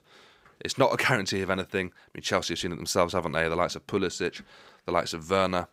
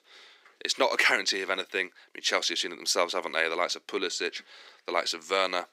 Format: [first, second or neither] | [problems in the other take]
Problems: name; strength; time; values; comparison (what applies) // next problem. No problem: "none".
first | thin; somewhat; fading below 300 Hz